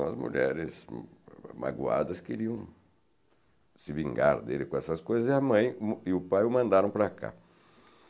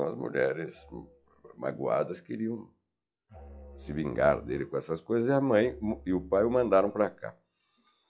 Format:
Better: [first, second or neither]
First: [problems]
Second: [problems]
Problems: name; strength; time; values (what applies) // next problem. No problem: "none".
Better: first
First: none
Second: noise reduction (classical method log-MMSE)